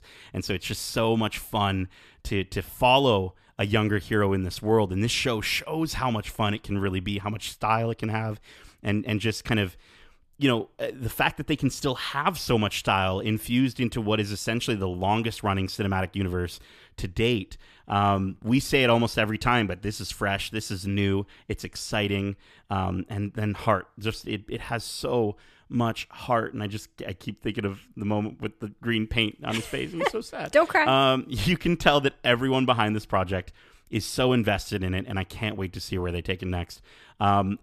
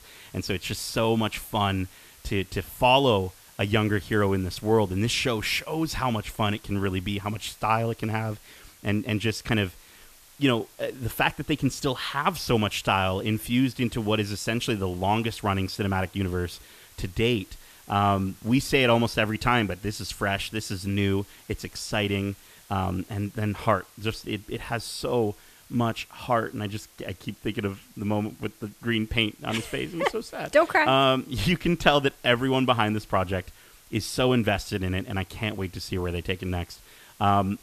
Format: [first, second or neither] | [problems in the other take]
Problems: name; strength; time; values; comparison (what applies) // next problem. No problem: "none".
first | hiss; faint; throughout; 25 dB below the speech